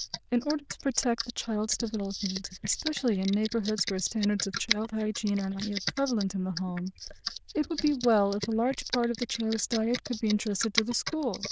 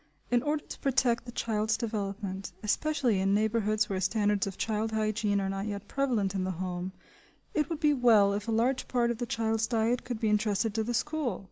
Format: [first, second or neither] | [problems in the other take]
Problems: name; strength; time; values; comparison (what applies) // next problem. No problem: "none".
second | noise reduction (neural diffusion model UNIVERSE++)